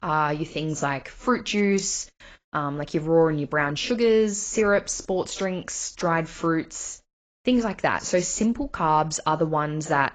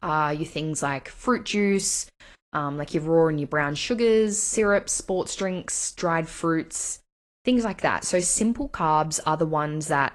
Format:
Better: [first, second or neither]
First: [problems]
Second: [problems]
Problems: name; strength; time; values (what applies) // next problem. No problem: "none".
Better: second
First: garbled, watery; badly; nothing above 7.5 kHz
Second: garbled, watery; slightly